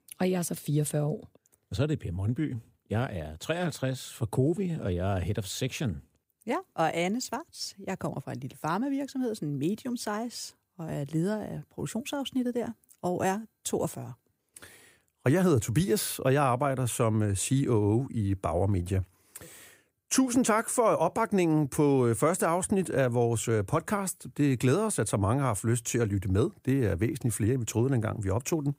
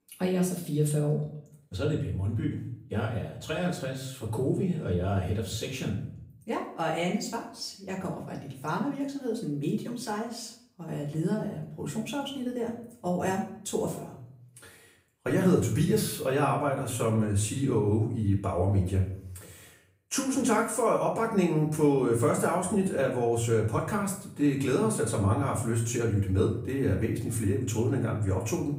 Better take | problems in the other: first | room echo; slight; dies away in 0.5 s // off-mic speech; far

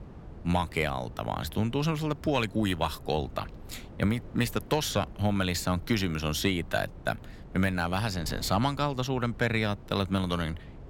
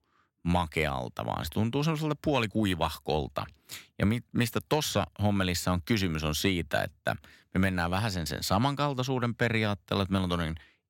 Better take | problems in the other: second | wind noise on the microphone; occasional gusts; 20 dB below the speech

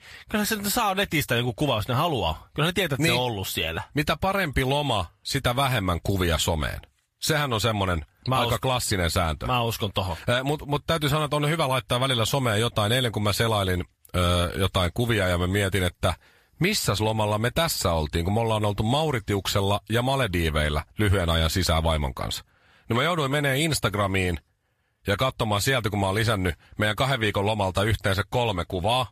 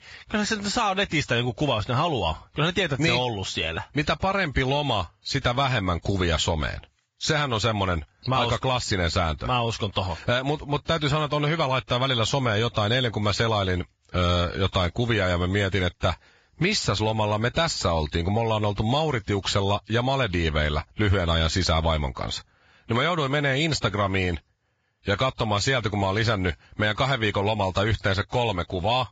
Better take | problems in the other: first | garbled, watery; badly; nothing above 7.5 kHz; slightly in the first

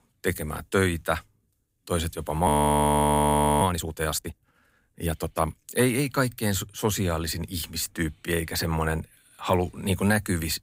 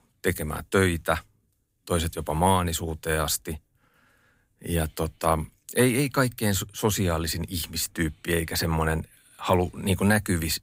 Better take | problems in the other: second | audio freezing; at 2.5 s for 1 s

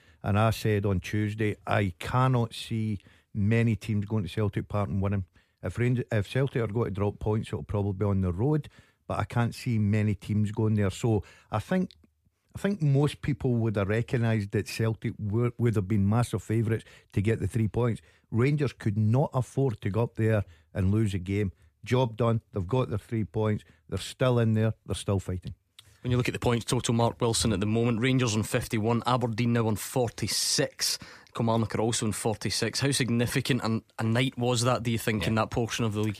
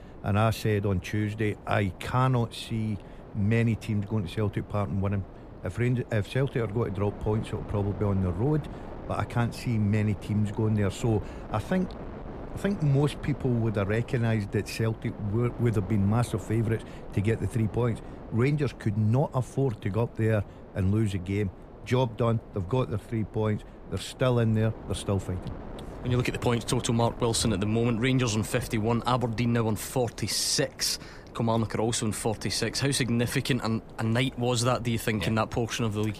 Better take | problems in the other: first | wind noise on the microphone; occasional gusts; 15 dB below the speech

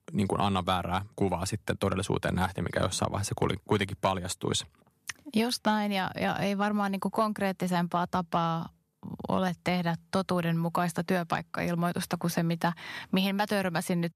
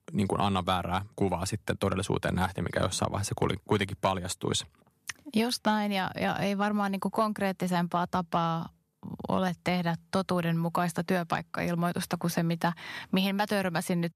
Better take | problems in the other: neither | none

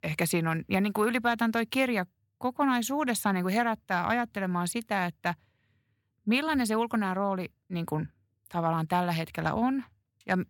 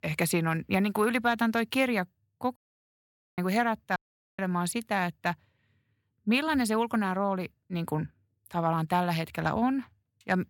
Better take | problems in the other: first | audio cutting out; at 2.5 s for 1 s and at 4 s

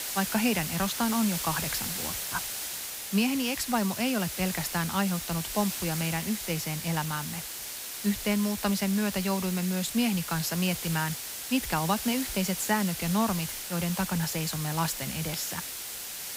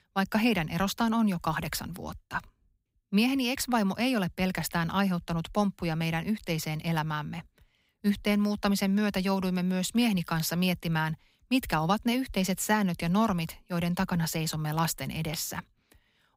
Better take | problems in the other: second | hiss; loud; throughout; 4 dB below the speech

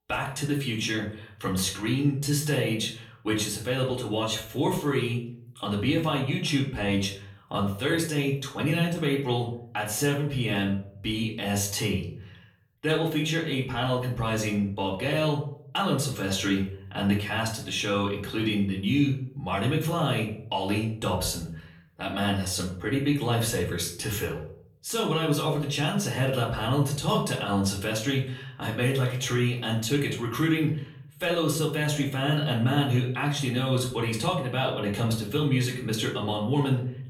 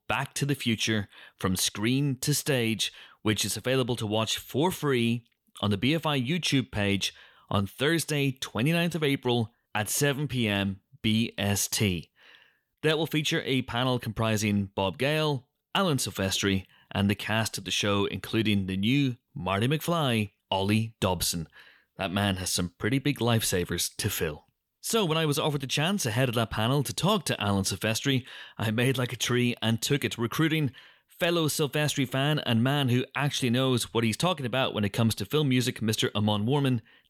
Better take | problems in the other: second | off-mic speech; far // room echo; slight; dies away in 0.5 s

